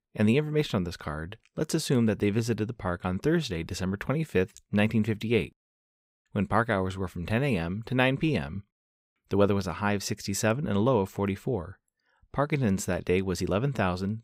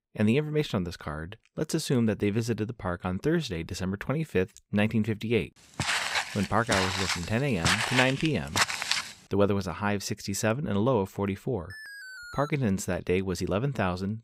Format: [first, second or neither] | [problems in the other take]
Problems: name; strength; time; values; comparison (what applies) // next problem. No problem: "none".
first | footsteps; loud; from 6 to 9 s; peak 5 dB above the speech // alarm; faint; at 12 s; peak 10 dB below the speech